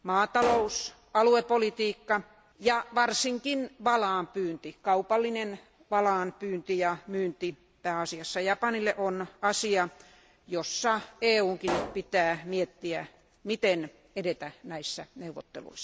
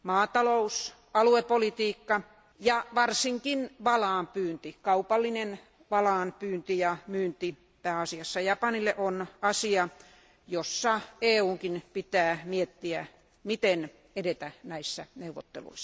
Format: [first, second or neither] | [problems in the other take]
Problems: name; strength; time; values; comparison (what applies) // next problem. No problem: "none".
second | background sound (Explosion); 8 dB below the speech